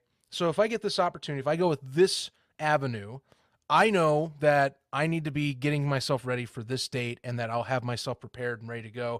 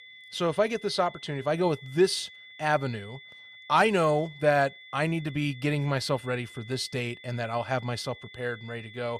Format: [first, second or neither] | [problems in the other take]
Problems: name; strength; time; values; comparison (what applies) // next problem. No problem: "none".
first | high-pitched whine; noticeable; throughout; 2 kHz, 20 dB below the speech